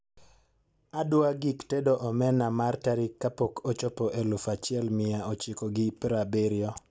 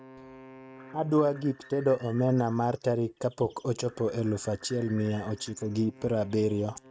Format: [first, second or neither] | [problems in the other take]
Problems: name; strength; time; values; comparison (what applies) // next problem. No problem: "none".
first | noise reduction (neural mask model RNNoise)